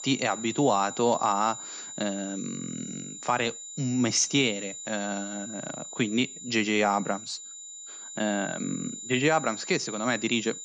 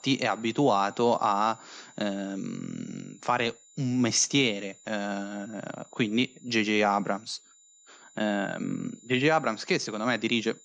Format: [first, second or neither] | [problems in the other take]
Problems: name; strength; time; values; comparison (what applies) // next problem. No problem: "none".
second | high-pitched whine; loud; throughout; 7 kHz, 10 dB below the speech; faint in the second